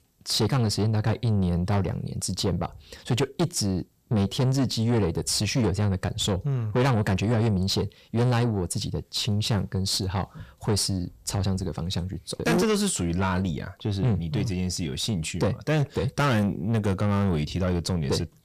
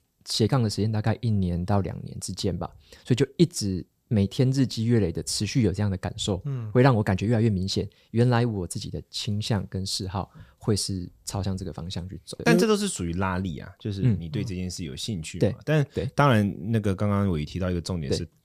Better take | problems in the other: second | distortion; heavy; 8 dB below the speech

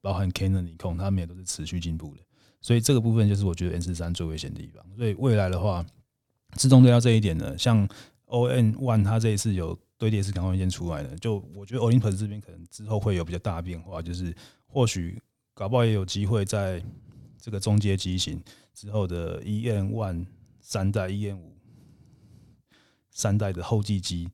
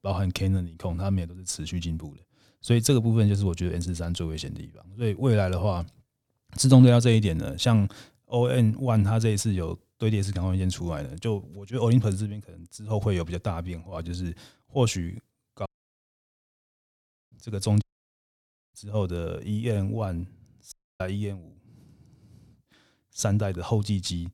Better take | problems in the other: first | audio cutting out; at 16 s for 1.5 s, at 18 s for 1 s and at 21 s

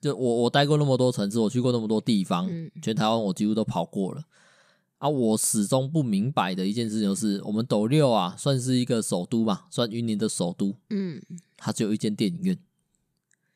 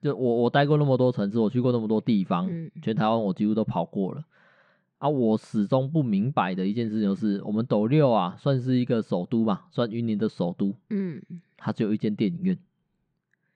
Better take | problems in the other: first | muffled; very; fading above 2.5 kHz

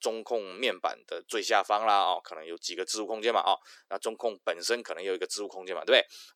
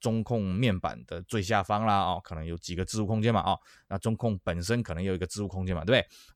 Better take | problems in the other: second | thin; very; fading below 350 Hz

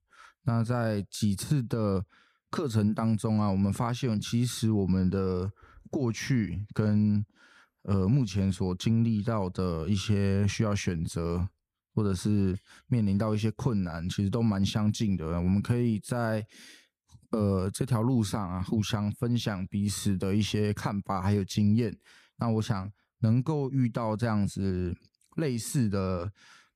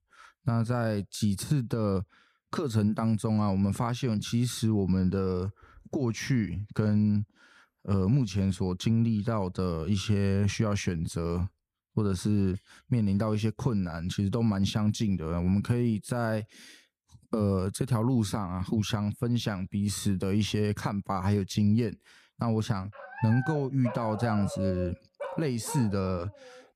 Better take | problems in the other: first | dog barking; noticeable; from 23 s on; peak 7 dB below the speech

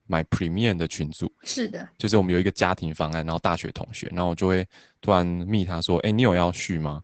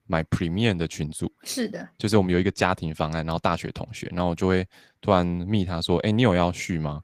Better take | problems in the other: second | garbled, watery; badly; nothing above 8 kHz; slightly in the second

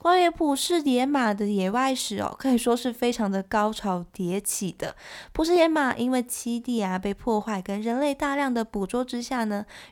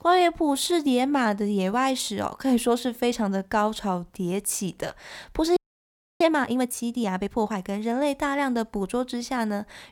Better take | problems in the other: first | audio freezing; at 5.5 s for 0.5 s

